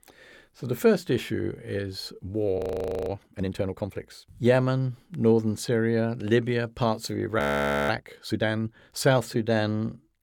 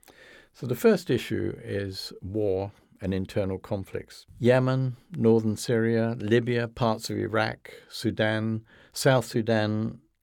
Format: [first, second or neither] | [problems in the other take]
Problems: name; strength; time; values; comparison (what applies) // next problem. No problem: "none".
second | audio freezing; at 2.5 s for 0.5 s and at 7.5 s for 0.5 s